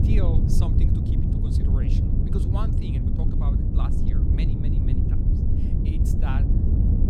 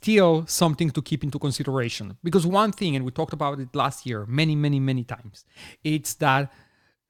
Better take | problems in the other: second | wind noise on the microphone; heavy; 4 dB above the speech

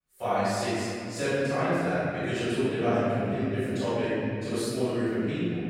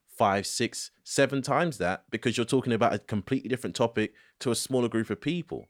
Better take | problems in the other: second | off-mic speech; far // room echo; strong; dies away in 3 s

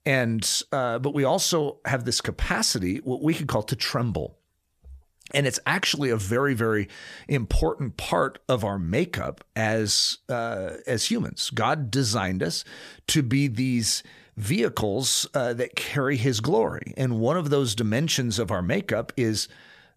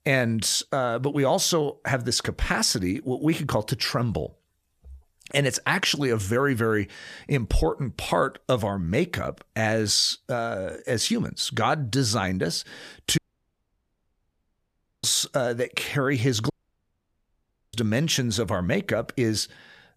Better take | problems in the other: first | audio cutting out; at 13 s for 2 s and at 17 s for 1 s

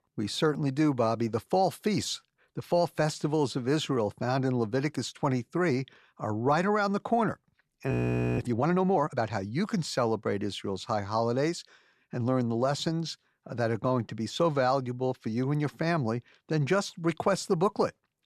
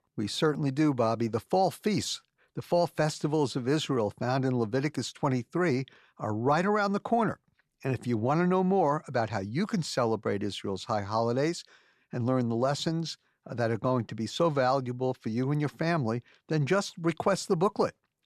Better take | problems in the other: second | audio freezing; at 8 s

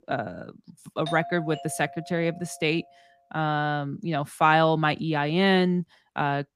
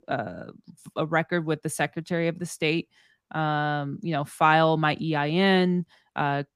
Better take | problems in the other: second | doorbell; noticeable; from 1 to 2.5 s; peak 10 dB below the speech

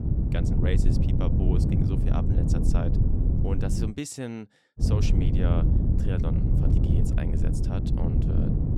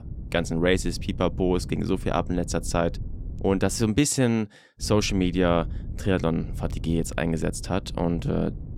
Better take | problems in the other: second | wind noise on the microphone; heavy; until 4 s and from 5 s on; 2 dB above the speech; occasional gusts in the second

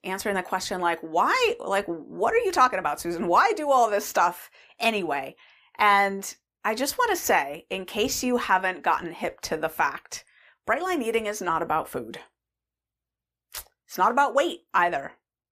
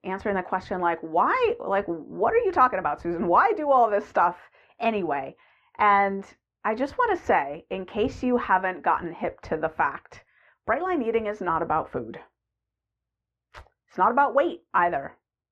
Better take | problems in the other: first | muffled; very; fading above 1.5 kHz

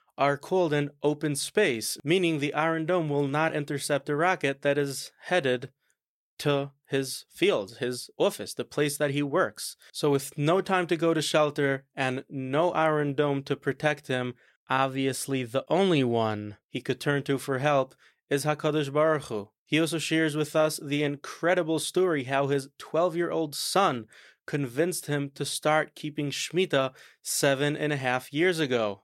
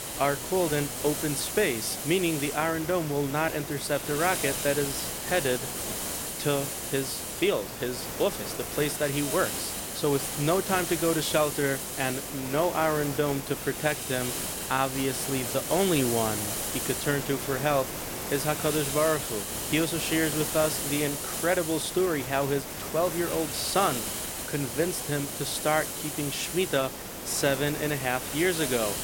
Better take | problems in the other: first | hiss; loud; throughout; 3 dB below the speech

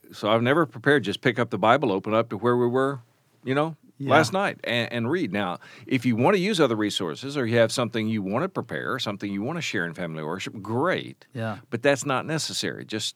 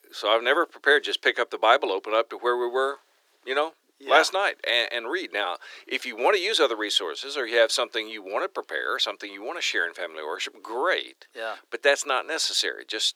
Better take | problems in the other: first | thin; very; fading below 350 Hz

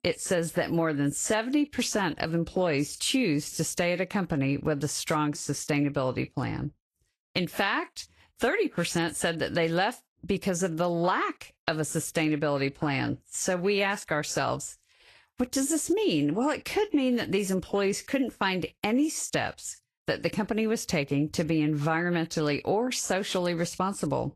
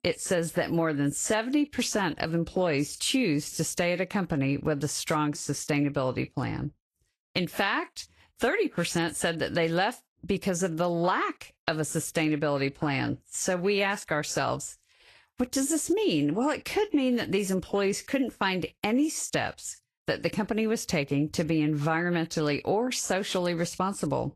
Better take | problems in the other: neither | garbled, watery; slightly; nothing above 12.5 kHz; the same in both

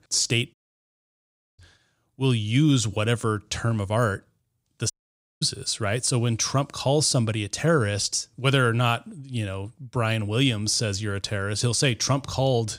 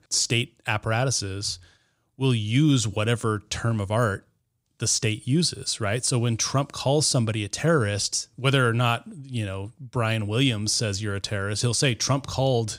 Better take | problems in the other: second | audio cutting out; at 0.5 s for 1 s and at 5 s for 0.5 s

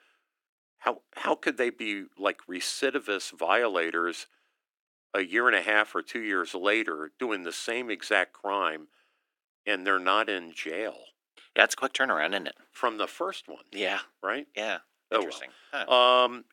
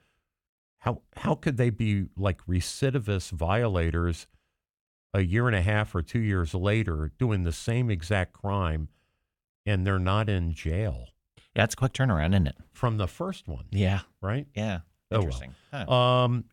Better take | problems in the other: second | thin; very; fading below 300 Hz

